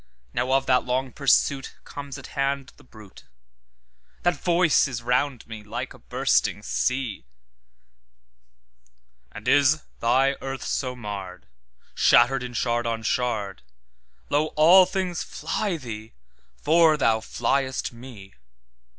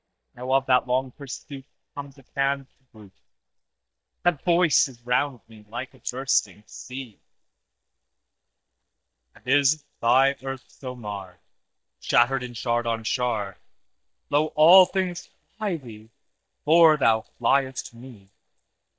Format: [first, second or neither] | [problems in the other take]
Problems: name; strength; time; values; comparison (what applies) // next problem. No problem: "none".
first | noise reduction (neural mask model DeepFilterNet 3)